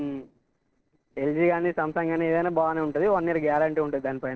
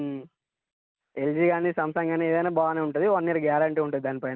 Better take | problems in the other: second | noise reduction (neural separator model SepFormer DNS4)

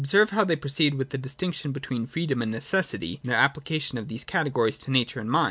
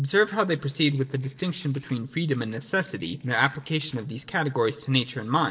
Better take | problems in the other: first | noise reduction (neural separator model SepFormer DNS4)

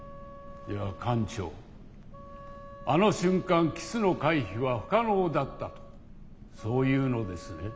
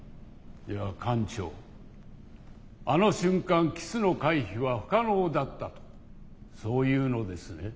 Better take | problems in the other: second | background sound (Wind instrument, woodwind instrument); 19 dB below the speech

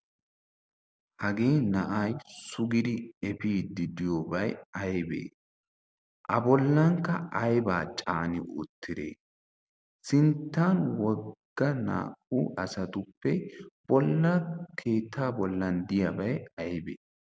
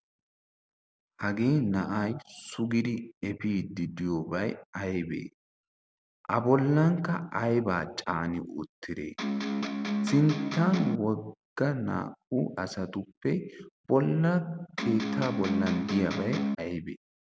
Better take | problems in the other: first | background sound (Electric guitar); 1 dB below the speech

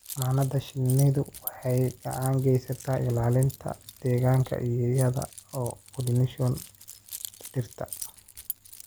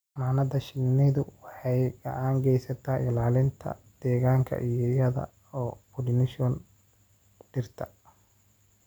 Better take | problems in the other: second | background sound (Keys jangling); 16 dB below the speech

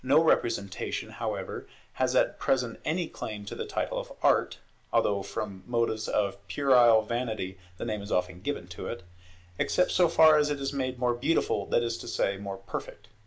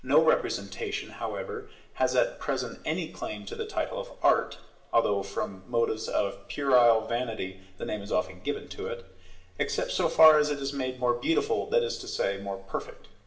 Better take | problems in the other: first | room echo; dies away in 0.8 s

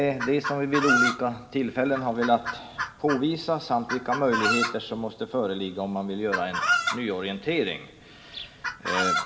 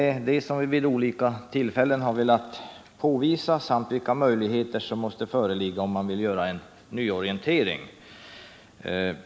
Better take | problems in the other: second | background sound (Chicken, rooster); 3 dB below the speech // room echo; dies away in 0.4 s

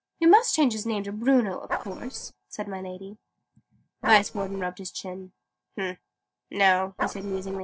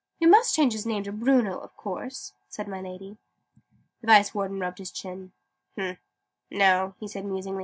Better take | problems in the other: second | noise reduction (neural separator model SepFormer DNS4)

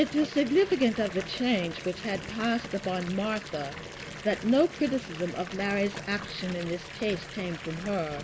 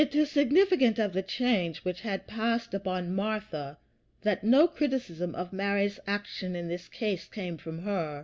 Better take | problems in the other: second | background sound (Fill (with liquid) / Bathtub (filling or washing) / Water tap, faucet); 11 dB below the speech

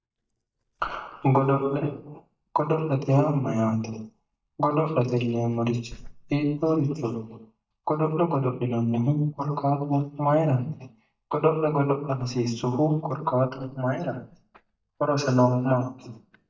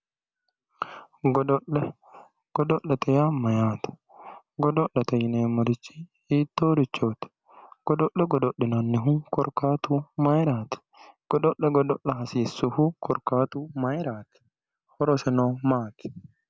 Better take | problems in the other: second | noise reduction (neural mask model DeepFilterNet 3)

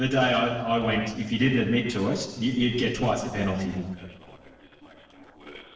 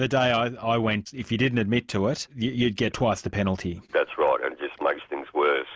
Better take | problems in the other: second | noise reduction (neural separator model SepFormer DNS4)

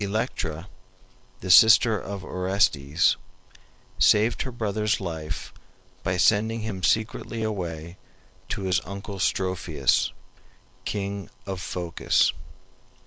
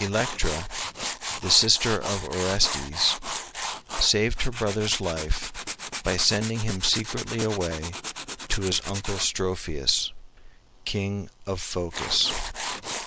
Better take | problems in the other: first | noise reduction (neural mask model Resemble Enhance denoiser)

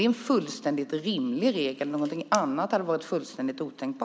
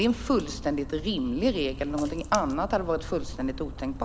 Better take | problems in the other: first | background sound (Splash, splatter); 10 dB below the speech

